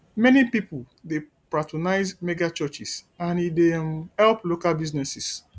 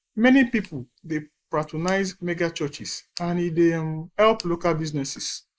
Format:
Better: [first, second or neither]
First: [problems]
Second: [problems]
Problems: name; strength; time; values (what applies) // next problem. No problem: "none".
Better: first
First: none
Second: noise reduction (neural mask model Resemble Enhance denoiser)